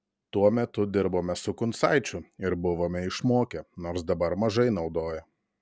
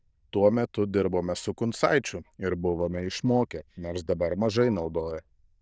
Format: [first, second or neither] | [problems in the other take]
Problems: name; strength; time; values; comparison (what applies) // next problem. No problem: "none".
first | noise reduction (neural diffusion model UNIVERSE++)